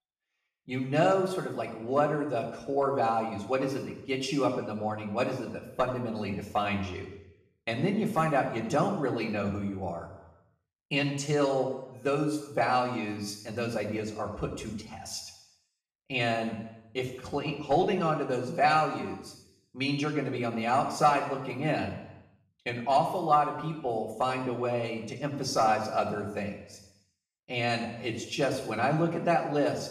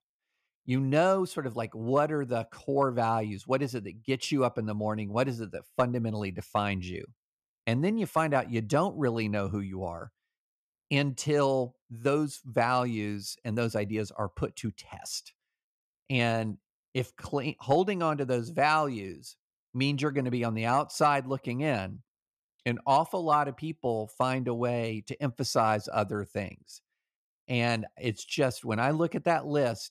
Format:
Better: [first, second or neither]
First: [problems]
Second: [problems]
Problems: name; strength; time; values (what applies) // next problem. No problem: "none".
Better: second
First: room echo; noticeable; dies away in 0.8 s // off-mic speech; far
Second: none